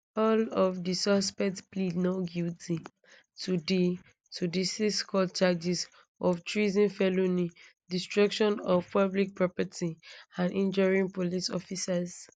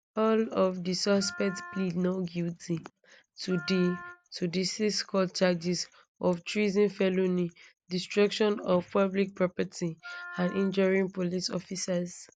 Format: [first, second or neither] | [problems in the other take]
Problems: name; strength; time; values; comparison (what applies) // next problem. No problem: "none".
first | background sound (Wind instrument, woodwind instrument); 17 dB below the speech